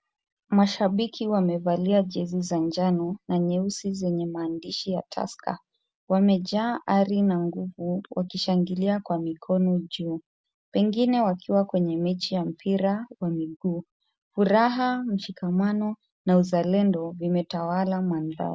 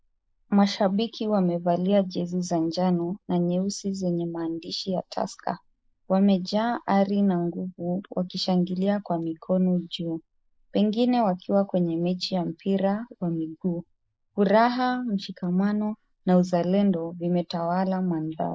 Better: first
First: none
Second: noise reduction (neural mask model Resemble Enhance denoiser)

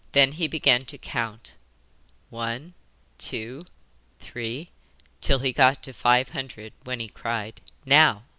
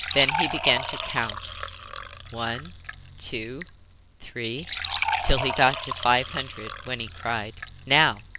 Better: first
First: none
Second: background sound (Fill (with liquid) / Trickle, dribble); 6 dB below the speech

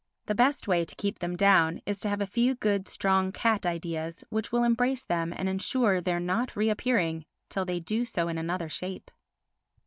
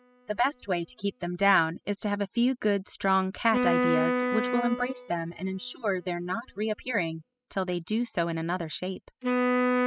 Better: first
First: none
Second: noise reduction (classical method spectral subtraction)

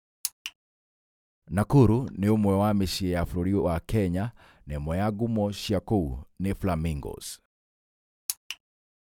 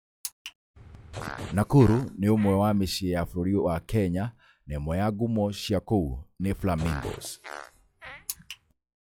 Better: first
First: none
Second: noise reduction (classical method log-MMSE)

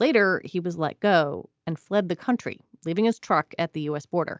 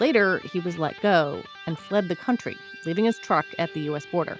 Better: first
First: none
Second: background sound (Electric guitar); 18 dB below the speech

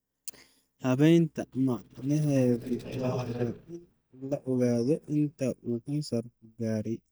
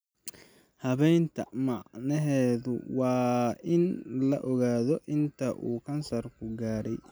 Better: second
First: noise reduction (neural mask model DeepFilterNet 3)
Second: none

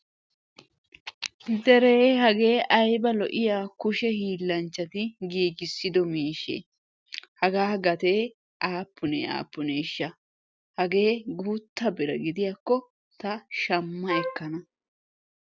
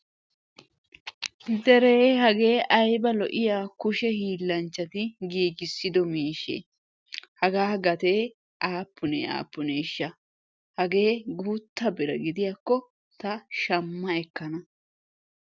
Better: second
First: background sound (Wind instrument, woodwind instrument); 8 dB below the speech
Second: none

